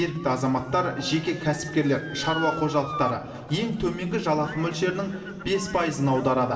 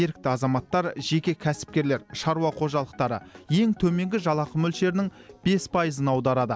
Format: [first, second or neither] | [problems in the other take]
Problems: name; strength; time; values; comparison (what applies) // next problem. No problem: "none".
second | background sound (Motor vehicle (road) / Siren); 13 dB below the speech // room echo; dies away in 2.4 s